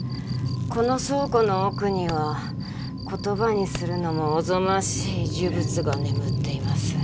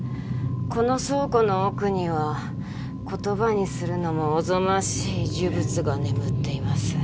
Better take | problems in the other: second | background sound (Cricket + Fireworks); 19 dB below the speech

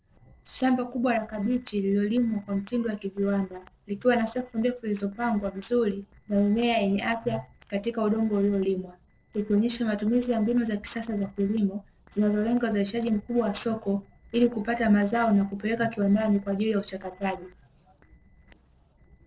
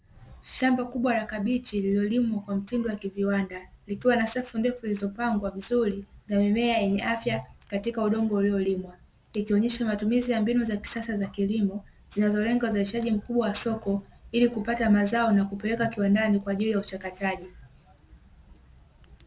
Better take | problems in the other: second | noise reduction (neural separator model SepFormer DNS4)

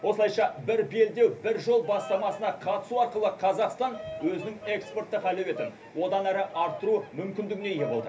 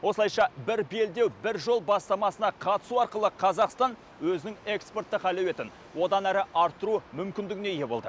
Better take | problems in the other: second | background sound (Bird vocalization, bird call, bird song); 16 dB below the speech // room echo; dies away in 0.3 s

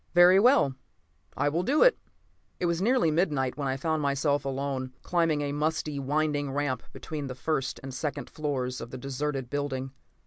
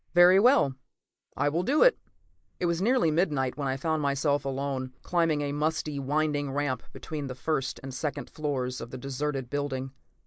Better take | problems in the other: first | noise reduction (neural mask model Resemble Enhance denoiser)

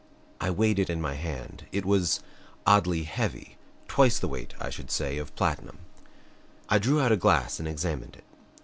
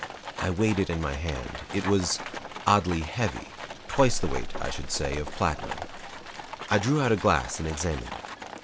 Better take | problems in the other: first | background sound (Livestock, farm animals, working animals); 11 dB below the speech

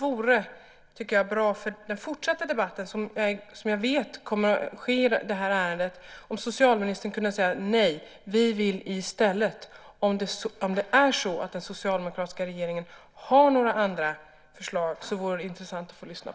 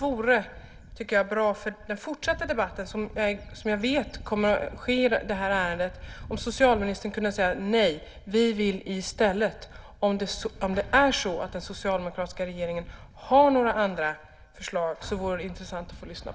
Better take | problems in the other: first | background sound (Wind / Bird); 17 dB below the speech

